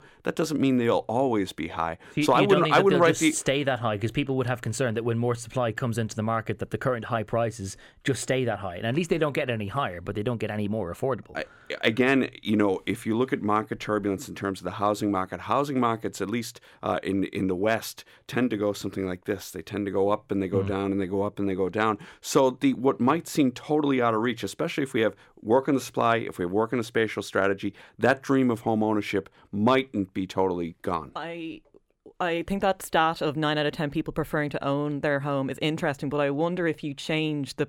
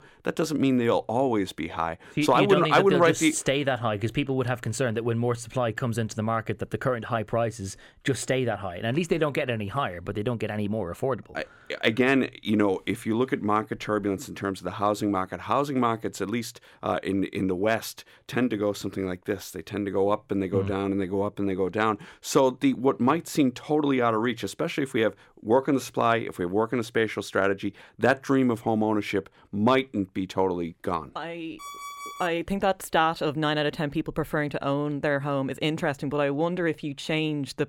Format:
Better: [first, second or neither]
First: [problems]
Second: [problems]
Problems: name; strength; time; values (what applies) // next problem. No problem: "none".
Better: first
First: none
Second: alarm; faint; at 32 s; peak 10 dB below the speech